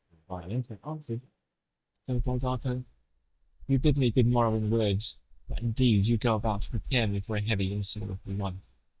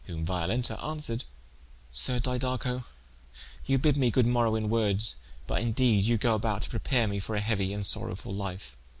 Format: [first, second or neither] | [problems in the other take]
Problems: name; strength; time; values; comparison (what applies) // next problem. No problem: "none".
second | noise reduction (neural mask model DeepFilterNet 3)